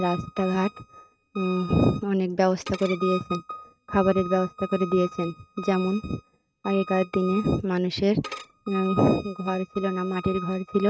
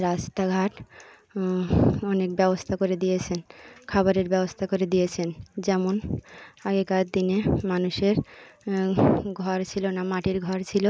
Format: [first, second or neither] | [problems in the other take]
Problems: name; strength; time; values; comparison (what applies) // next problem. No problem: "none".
second | noise reduction (neural mask model RNNoise)